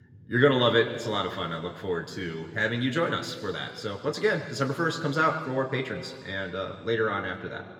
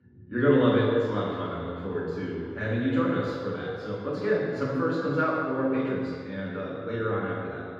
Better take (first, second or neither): first